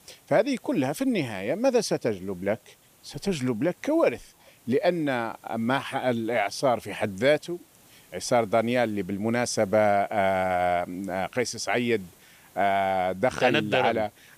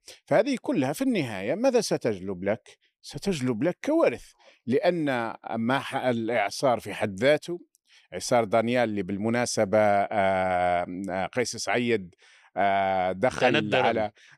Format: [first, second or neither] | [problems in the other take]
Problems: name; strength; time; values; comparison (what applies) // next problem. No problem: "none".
second | hiss; faint; throughout; 30 dB below the speech